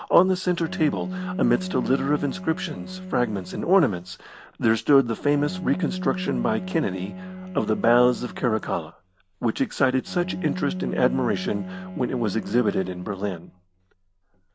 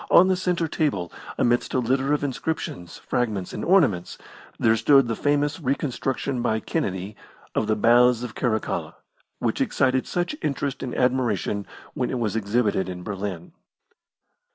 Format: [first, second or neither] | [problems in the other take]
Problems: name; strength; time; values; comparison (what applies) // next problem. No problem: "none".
second | background sound (Bowed string instrument); 10 dB below the speech